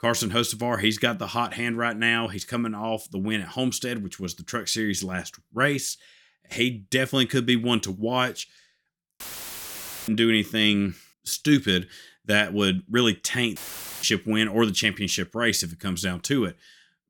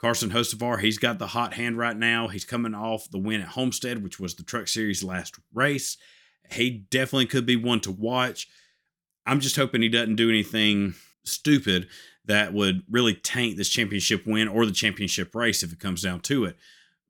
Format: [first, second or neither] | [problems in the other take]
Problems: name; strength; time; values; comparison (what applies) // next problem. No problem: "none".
second | audio cutting out; filled with static; at 9 s for 1 s and at 14 s